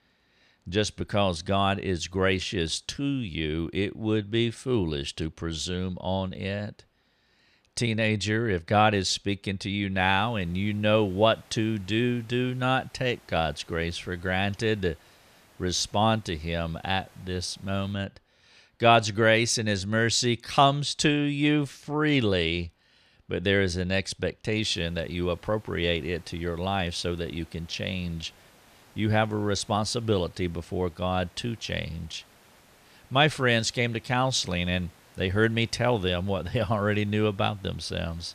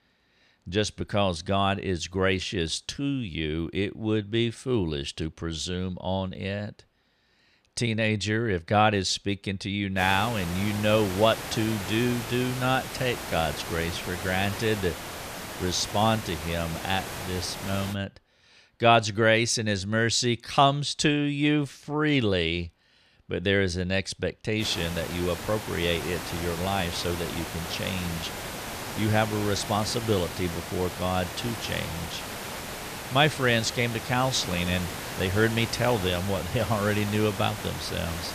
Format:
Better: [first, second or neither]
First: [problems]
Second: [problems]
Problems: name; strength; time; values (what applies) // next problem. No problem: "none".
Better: first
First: hiss; faint; from 10 to 18 s and from 25 s on; 30 dB below the speech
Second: hiss; loud; from 10 to 18 s and from 25 s on; 8 dB below the speech